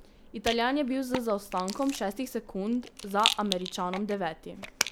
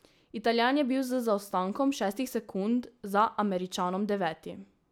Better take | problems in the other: second | background sound (Rattle); 6 dB below the speech

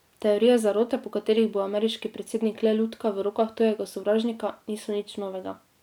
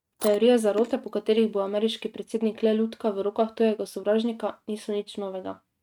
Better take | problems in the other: first | noise reduction (neural mask model RNNoise)

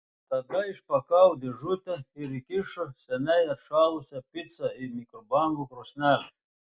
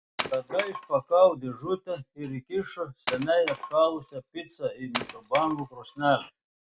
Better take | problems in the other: first | background sound (Wood); 10 dB below the speech

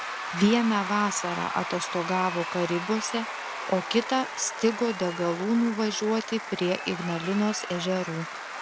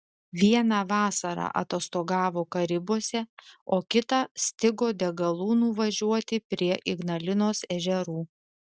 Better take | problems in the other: second | background sound (Applause / Crowd / Cheering); 8 dB below the speech

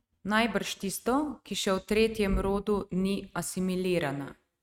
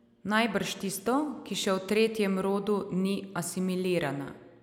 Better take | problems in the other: second | noise reduction (neural mask model RNNoise)

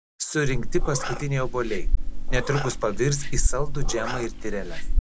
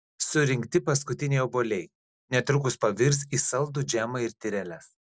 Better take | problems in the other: second | background sound (Meow); 4 dB above the speech

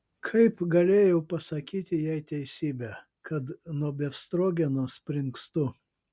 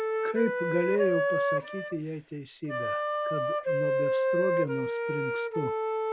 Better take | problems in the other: first | background sound (Wind instrument, woodwind instrument); 4 dB above the speech

